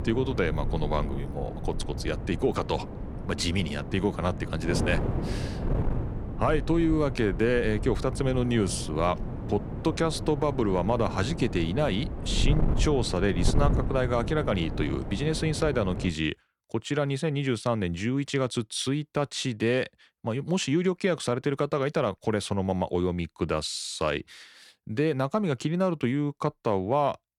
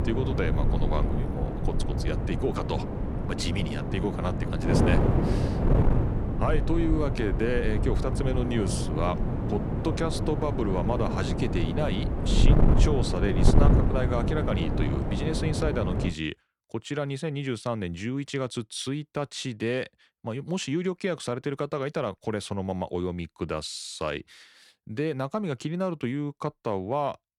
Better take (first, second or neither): first